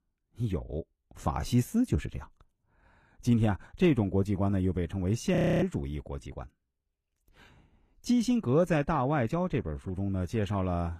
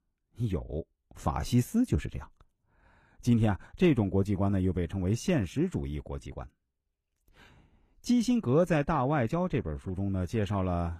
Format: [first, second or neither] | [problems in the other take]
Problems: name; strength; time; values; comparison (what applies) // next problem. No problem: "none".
second | audio freezing; at 5.5 s